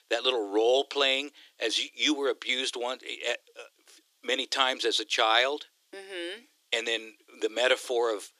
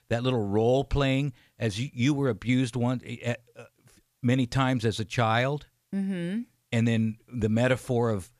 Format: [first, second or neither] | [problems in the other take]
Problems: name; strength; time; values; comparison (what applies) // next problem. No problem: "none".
second | thin; very; fading below 300 Hz